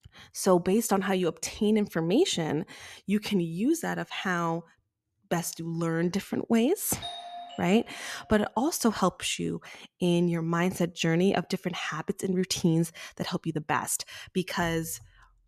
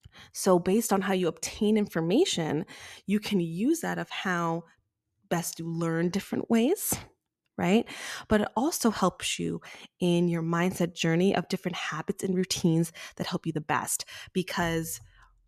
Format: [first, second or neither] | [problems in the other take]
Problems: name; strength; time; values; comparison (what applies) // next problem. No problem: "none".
second | doorbell; noticeable; from 7 to 8.5 s; peak 10 dB below the speech